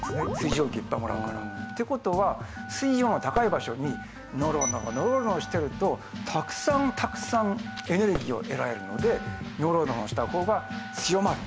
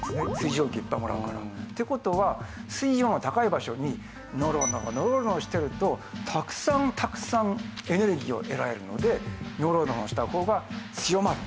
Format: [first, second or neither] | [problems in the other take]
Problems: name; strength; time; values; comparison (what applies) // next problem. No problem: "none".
second | background sound (Telephone + Fireworks); 14 dB below the speech